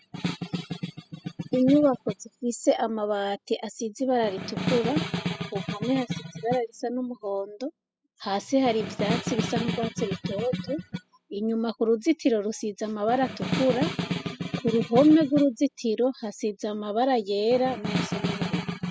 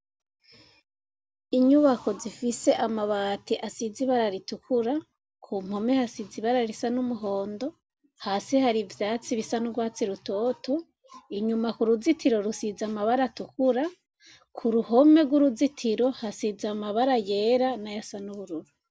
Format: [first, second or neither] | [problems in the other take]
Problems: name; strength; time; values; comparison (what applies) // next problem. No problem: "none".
second | noise reduction (classical method spectral subtraction)